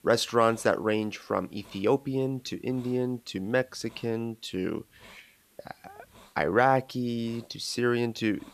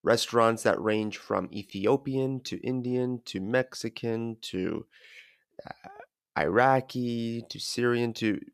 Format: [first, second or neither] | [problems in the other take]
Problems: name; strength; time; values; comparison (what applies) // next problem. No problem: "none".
second | hiss; faint; throughout; 30 dB below the speech